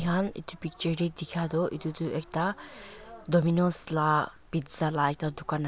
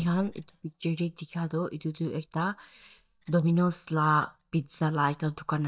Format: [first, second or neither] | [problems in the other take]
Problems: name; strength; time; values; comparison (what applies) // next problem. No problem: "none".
first | noise reduction (neural mask model DeepFilterNet 3)